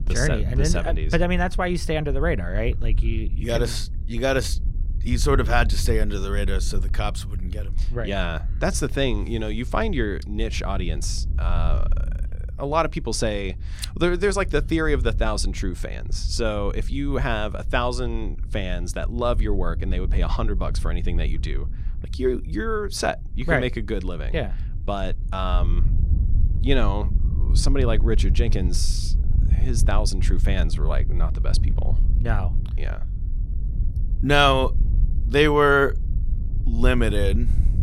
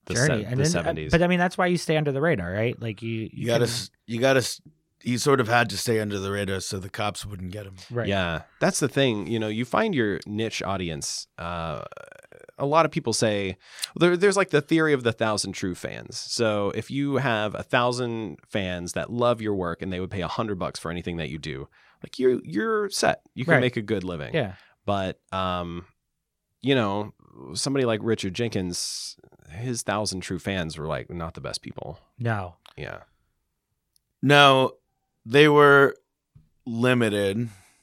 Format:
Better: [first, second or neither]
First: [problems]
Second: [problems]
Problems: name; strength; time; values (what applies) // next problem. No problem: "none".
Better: second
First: wind noise on the microphone; occasional gusts; 20 dB below the speech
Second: none